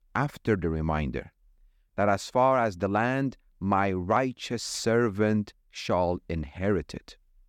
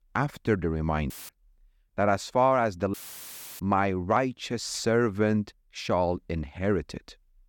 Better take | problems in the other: first | audio cutting out; filled with static; at 1 s and at 3 s for 0.5 s

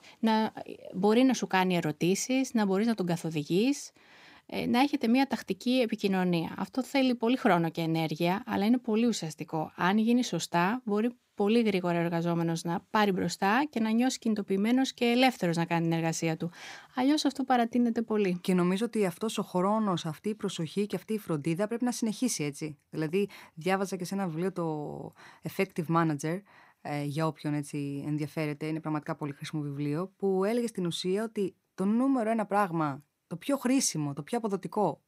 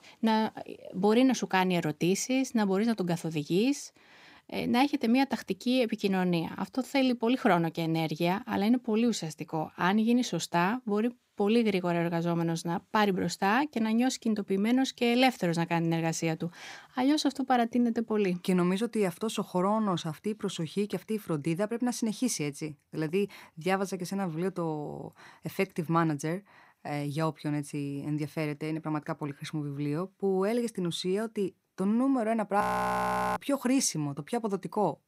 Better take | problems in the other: first | audio freezing; at 33 s for 1 s

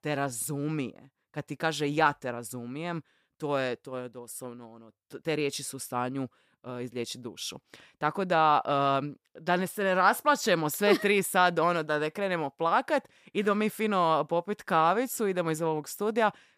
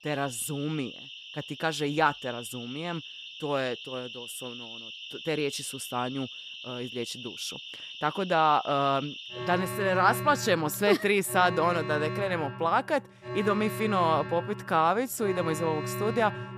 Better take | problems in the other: first | alarms or sirens; loud; throughout; 10 dB below the speech

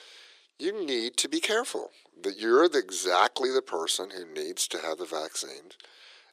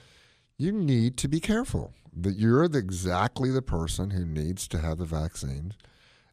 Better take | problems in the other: second | thin; very; fading below 350 Hz

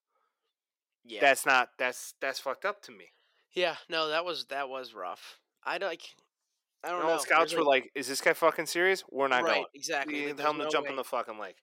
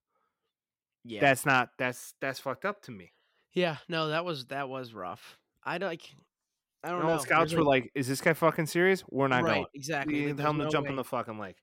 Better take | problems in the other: second | thin; somewhat; fading below 450 Hz

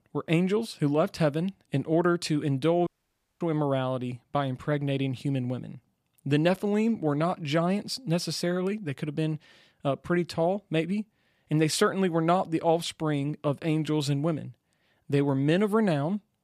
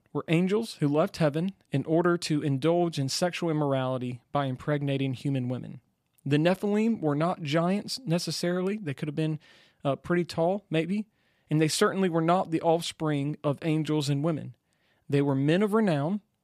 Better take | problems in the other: second | audio cutting out; at 3 s for 0.5 s

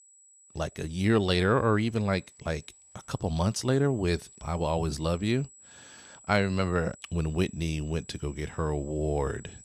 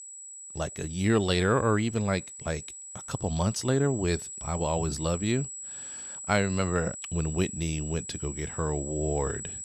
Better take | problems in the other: first | high-pitched whine; loud; throughout; 8 kHz, 9 dB below the speech; faint in the first

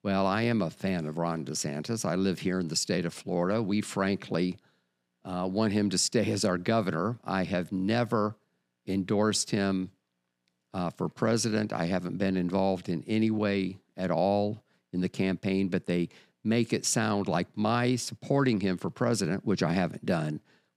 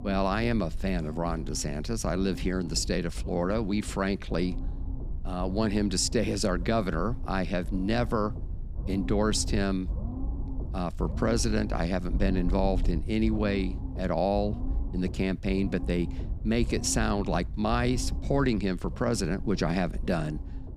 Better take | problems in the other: first | low rumble; noticeable; throughout; 15 dB below the speech

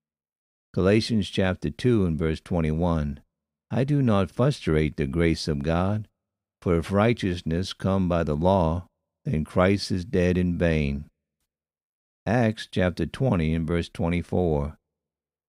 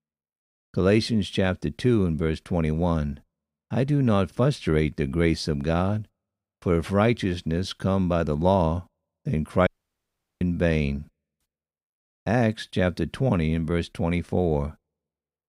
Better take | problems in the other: first | audio cutting out; at 9.5 s for 0.5 s

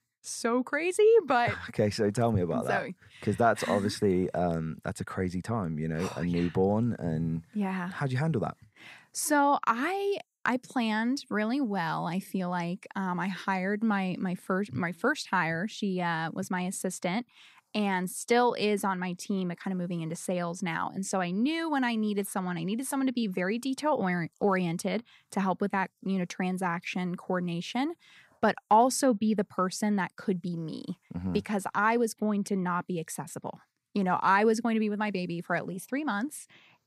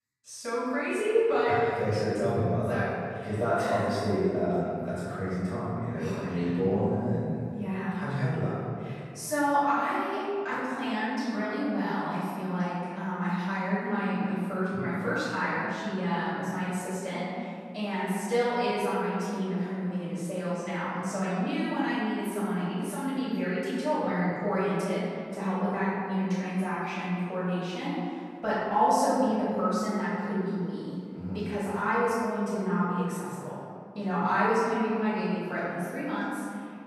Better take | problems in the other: first | room echo; strong; dies away in 2.1 s // off-mic speech; far

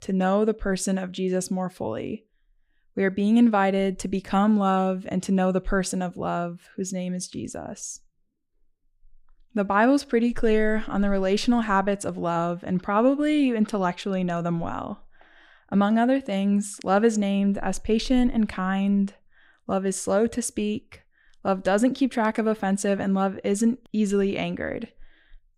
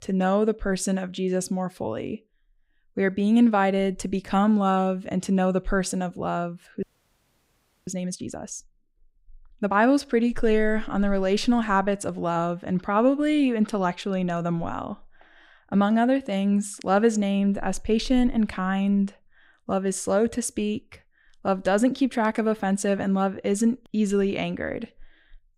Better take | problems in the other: first | audio freezing; at 7 s for 1 s

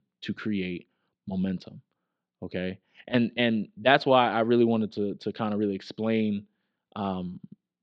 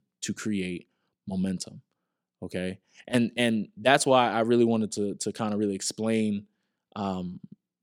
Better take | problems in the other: second | muffled; slightly; fading above 4 kHz

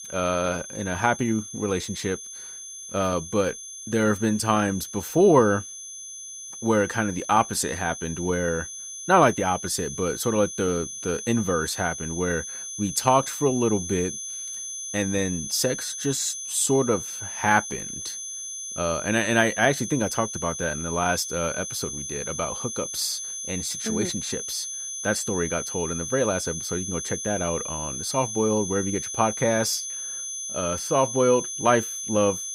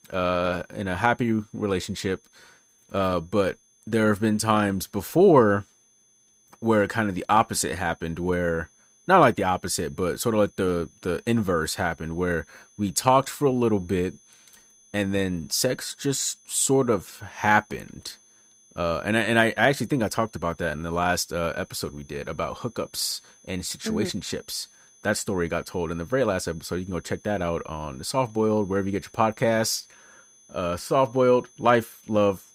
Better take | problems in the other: second | high-pitched whine; loud; throughout; 6 kHz, 6 dB below the speech; faint in the second

